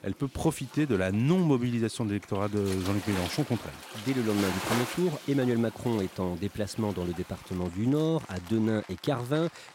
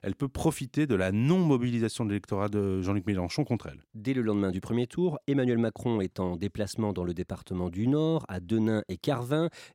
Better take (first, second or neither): second